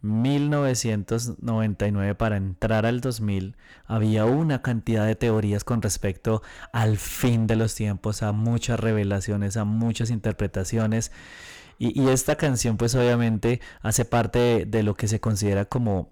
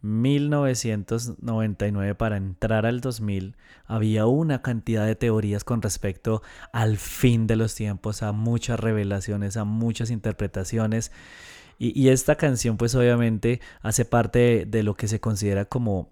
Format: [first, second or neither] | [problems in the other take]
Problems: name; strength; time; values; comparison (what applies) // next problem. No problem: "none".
second | distortion; slight; 9% of the sound clipped